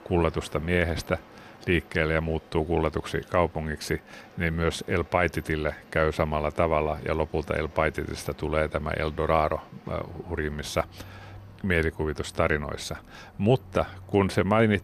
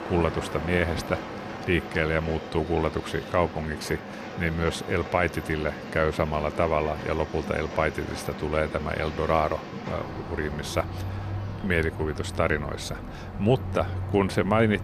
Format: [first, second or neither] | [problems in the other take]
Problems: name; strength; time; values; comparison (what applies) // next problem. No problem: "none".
first | train or aircraft noise; loud; throughout; 9 dB below the speech; faint in the first